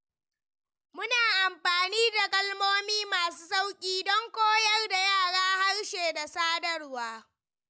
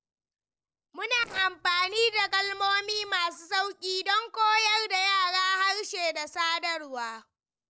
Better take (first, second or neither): first